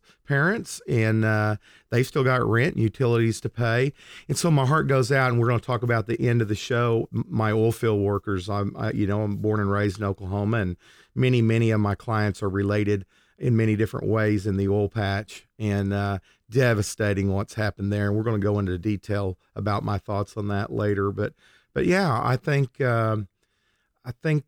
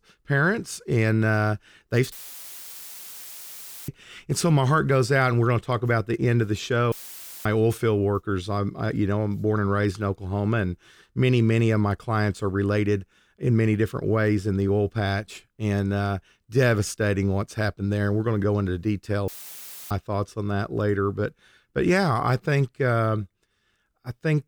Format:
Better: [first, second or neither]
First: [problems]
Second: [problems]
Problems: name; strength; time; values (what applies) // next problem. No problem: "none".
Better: first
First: none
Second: audio cutting out; filled with static; at 2 s for 2 s, at 7 s for 0.5 s and at 19 s for 0.5 s